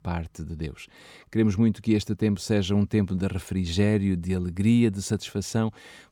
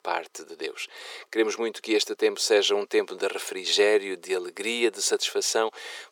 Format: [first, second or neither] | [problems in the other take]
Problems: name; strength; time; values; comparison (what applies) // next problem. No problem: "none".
first | thin; very; fading below 400 Hz